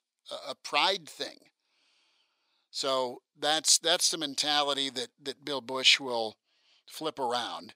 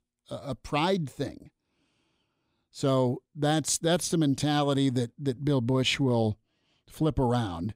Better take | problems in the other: second | thin; very; fading below 700 Hz

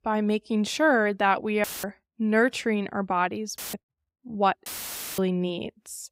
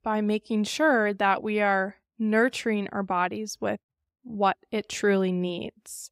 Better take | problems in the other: second | audio cutting out; filled with static; at 1.5 s, at 3.5 s and at 4.5 s for 0.5 s

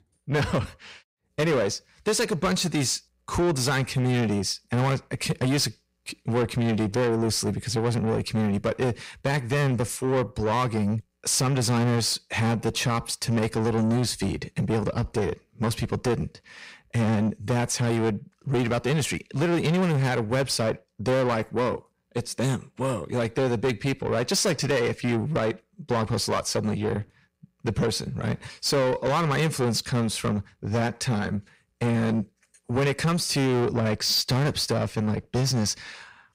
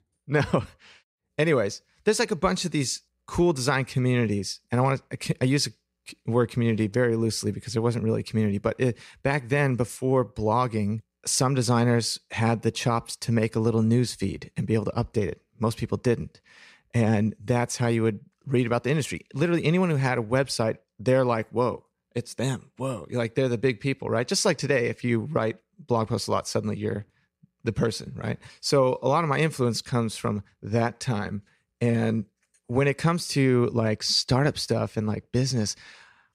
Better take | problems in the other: second | distortion; heavy; 7 dB below the speech

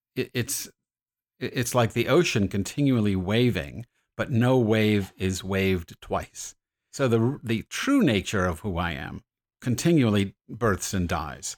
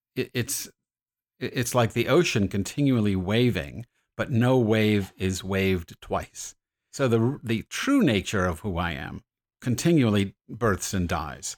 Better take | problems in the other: neither | none

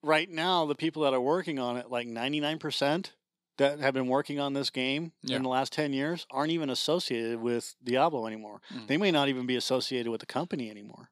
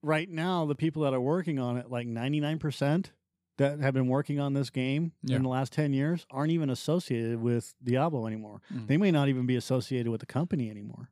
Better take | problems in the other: second | thin; somewhat; fading below 300 Hz

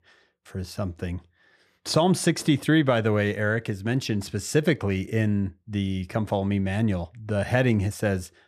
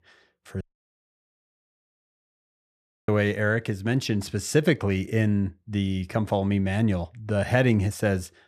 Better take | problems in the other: first | audio cutting out; at 0.5 s for 2.5 s

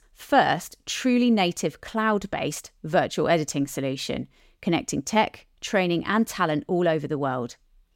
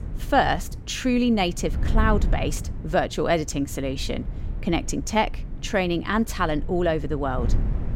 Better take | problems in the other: first | wind noise on the microphone; occasional gusts; 20 dB below the speech

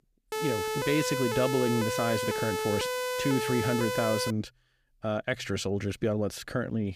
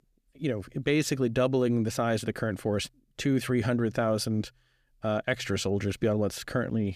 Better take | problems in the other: second | siren; noticeable; until 4.5 s; peak level with the speech

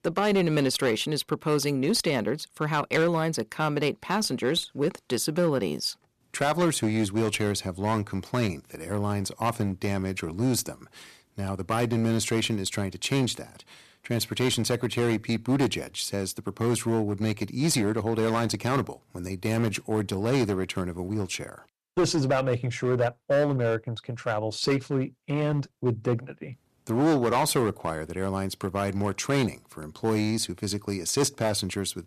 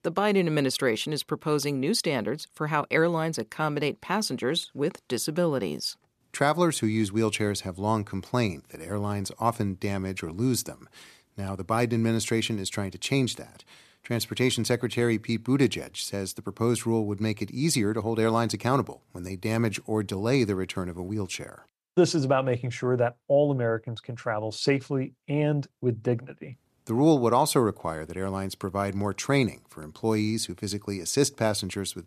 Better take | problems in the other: second | distortion; slight; 7% of the sound clipped

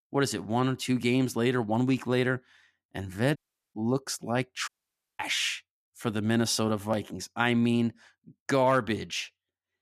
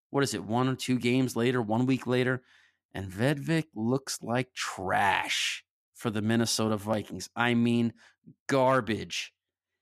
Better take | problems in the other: second | audio cutting out; at 3.5 s and at 4.5 s for 0.5 s

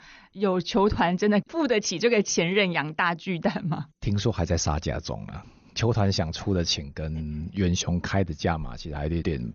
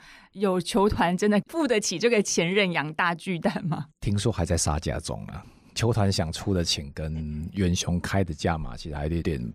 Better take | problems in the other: second | garbled, watery; slightly; nothing above 6.5 kHz

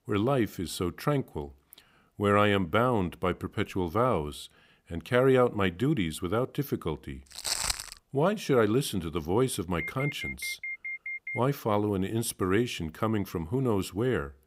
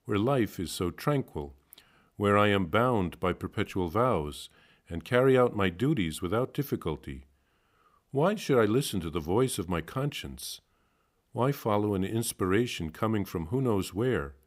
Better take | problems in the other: second | footsteps; loud; at 7.5 s; peak level with the speech // alarm; noticeable; from 10 to 11 s; peak 6 dB below the speech

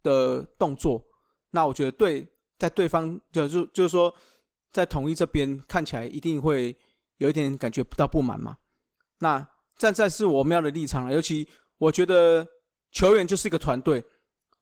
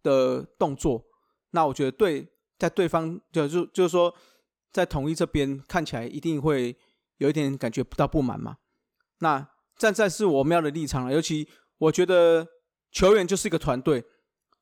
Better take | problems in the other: second | garbled, watery; slightly

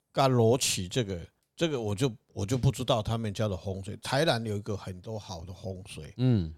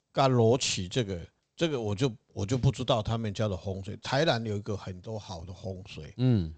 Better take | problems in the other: first | garbled, watery; slightly; nothing above 8 kHz

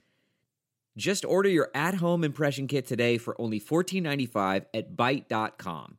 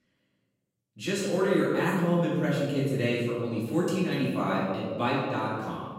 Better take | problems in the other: first | room echo; noticeable; dies away in 1.4 s // off-mic speech; far

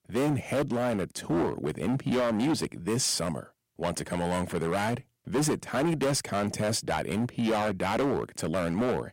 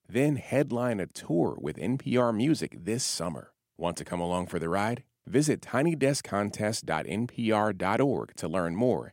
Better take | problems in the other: second | distortion; heavy; 14% of the sound clipped

